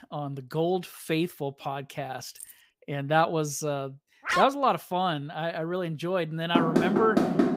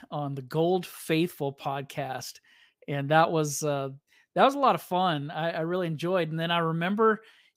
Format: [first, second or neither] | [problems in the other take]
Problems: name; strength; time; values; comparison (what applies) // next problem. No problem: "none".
second | jangling keys; faint; at 2.5 s; peak 15 dB below the speech // dog barking; loud; at 4.5 s; peak 1 dB above the speech // door banging; loud; from 6.5 s on; peak 4 dB above the speech